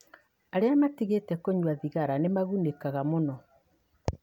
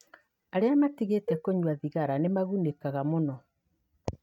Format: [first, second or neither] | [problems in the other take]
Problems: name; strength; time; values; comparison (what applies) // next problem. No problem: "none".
first | noise reduction (neural mask model RNNoise)